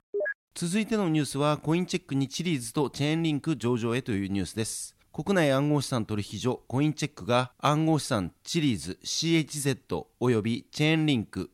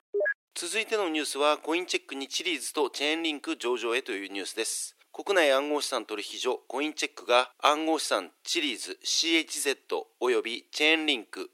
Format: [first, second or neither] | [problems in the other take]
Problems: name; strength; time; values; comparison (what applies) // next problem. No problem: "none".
first | thin; very; fading below 350 Hz